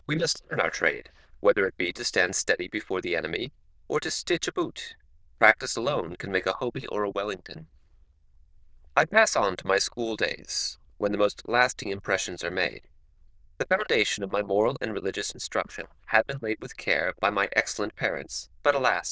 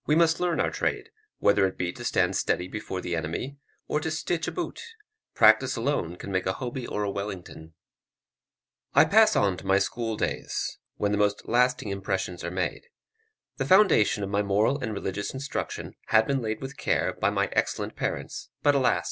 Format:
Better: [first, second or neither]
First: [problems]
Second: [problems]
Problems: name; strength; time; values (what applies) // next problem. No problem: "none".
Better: second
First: noise reduction (neural diffusion model UNIVERSE++)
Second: none